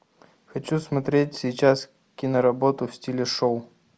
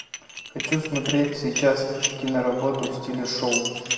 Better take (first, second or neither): first